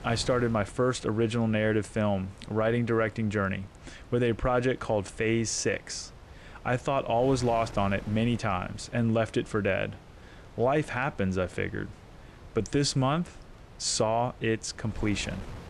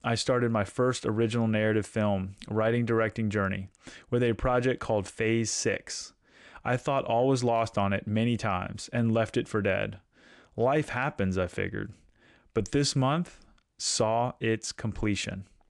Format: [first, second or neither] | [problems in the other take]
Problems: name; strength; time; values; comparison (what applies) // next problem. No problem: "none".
second | wind noise on the microphone; occasional gusts; 20 dB below the speech